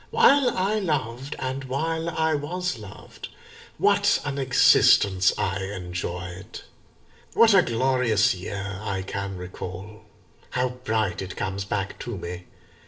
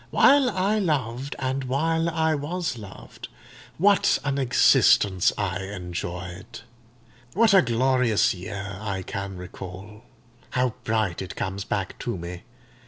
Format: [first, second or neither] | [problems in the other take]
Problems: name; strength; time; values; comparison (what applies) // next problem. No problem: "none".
second | room echo; dies away in 0.5 s